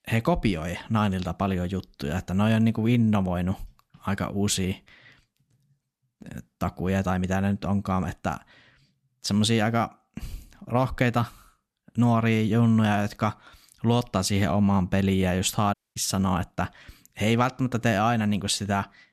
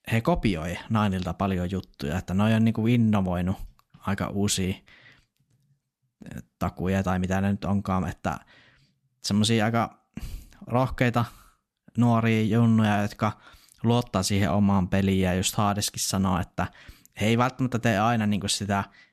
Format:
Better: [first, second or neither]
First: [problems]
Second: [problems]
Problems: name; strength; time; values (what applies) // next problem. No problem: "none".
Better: second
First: audio cutting out; at 16 s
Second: none